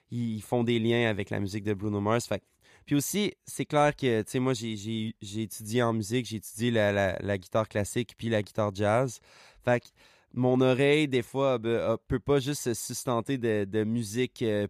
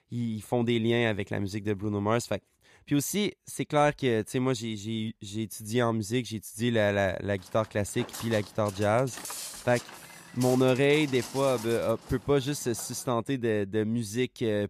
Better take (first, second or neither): first